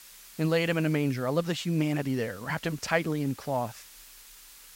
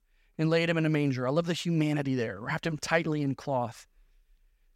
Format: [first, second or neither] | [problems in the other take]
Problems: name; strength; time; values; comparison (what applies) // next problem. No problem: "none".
second | hiss; noticeable; throughout; 20 dB below the speech